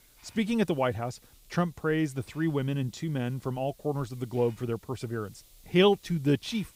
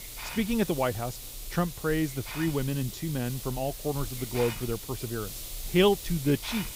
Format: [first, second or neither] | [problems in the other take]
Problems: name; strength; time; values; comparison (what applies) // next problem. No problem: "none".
first | hiss; loud; throughout; 9 dB below the speech; faint in the first